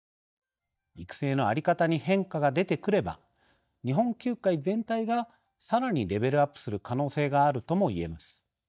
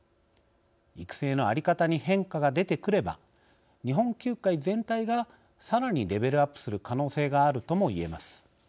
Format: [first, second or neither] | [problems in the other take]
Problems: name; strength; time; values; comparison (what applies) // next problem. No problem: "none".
second | noise reduction (neural mask model DeepFilterNet 3)